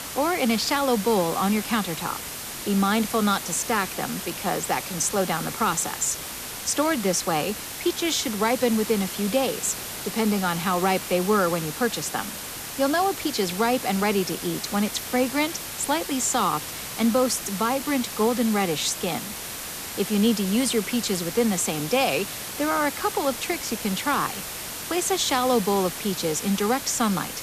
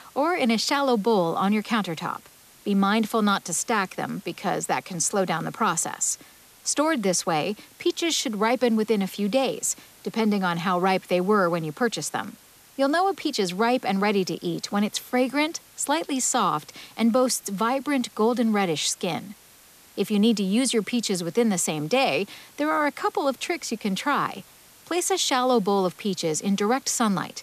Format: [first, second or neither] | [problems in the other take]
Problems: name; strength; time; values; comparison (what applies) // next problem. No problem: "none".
second | hiss; loud; throughout; 7 dB below the speech; faint in the second